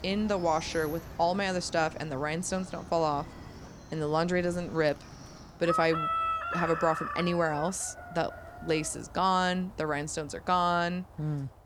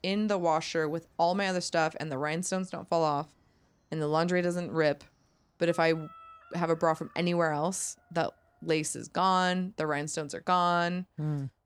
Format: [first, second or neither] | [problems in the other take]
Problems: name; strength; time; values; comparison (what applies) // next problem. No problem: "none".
second | animal sounds; loud; throughout; 8 dB below the speech; faint in the second